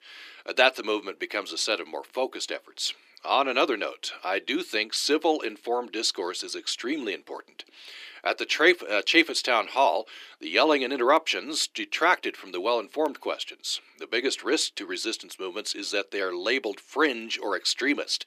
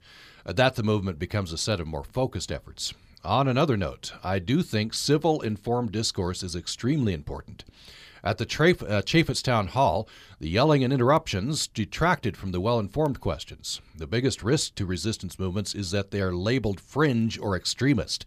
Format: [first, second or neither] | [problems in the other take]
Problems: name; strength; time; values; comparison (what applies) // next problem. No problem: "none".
second | thin; somewhat; fading below 300 Hz